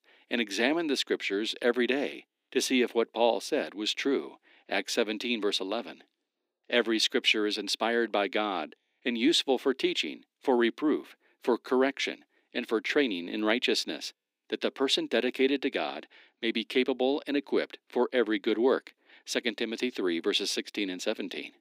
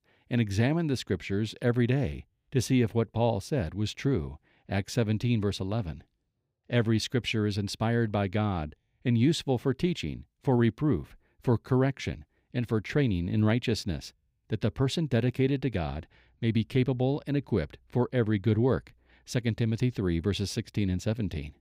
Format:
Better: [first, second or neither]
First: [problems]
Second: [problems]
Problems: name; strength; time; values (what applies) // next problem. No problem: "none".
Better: second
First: thin; somewhat; fading below 250 Hz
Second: none